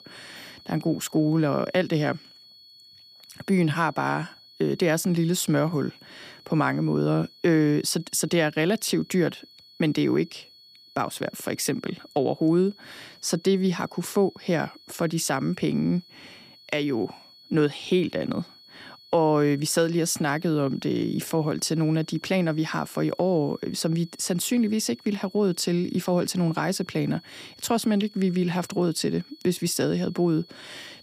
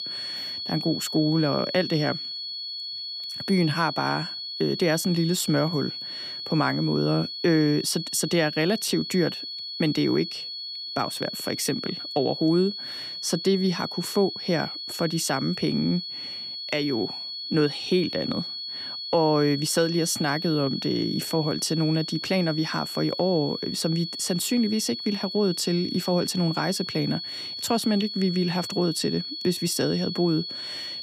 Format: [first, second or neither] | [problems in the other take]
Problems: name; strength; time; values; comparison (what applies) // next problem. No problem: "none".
first | high-pitched whine; loud; throughout; 4.5 kHz, 6 dB below the speech; faint in the first